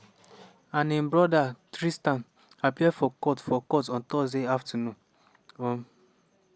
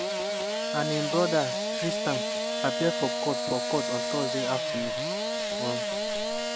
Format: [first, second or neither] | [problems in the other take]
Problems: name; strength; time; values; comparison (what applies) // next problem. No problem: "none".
first | background sound (Engine starting / Sawing + Organ); 2 dB above the speech